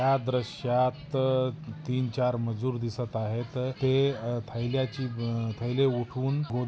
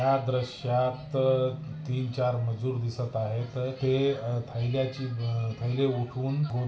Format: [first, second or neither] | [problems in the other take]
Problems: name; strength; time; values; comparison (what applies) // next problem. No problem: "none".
first | room echo; dies away in 0.6 s